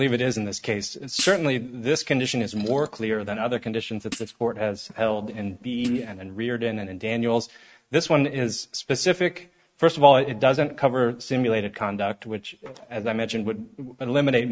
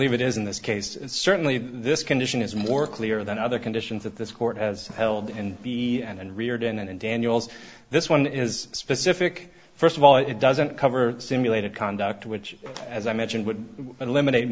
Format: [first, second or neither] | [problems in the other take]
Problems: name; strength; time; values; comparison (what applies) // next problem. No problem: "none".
second | noise reduction (neural mask model RNNoise)